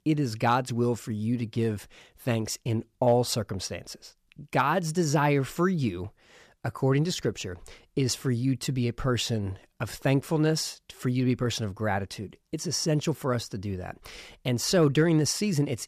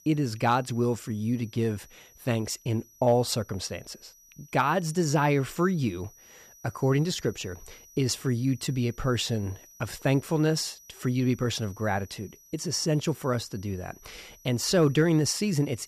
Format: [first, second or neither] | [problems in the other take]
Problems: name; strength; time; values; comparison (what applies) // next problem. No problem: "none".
first | high-pitched whine; faint; throughout; 6 kHz, 25 dB below the speech